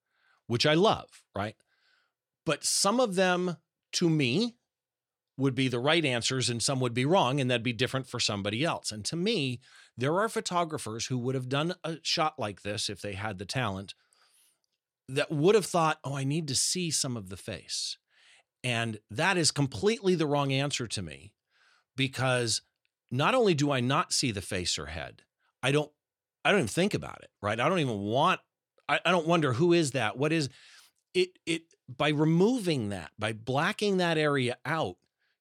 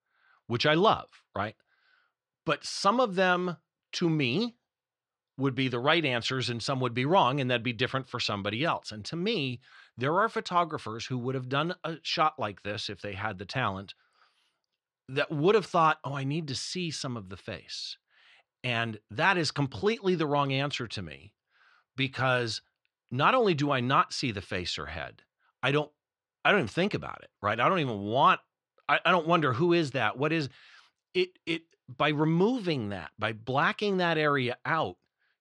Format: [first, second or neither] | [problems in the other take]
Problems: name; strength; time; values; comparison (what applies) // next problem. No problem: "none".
first | muffled; slightly; fading above 3.5 kHz